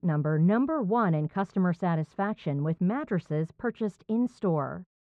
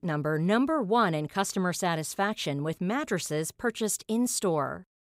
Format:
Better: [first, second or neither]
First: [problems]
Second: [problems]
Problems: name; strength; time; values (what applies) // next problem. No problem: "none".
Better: second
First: muffled; very; fading above 1.5 kHz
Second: none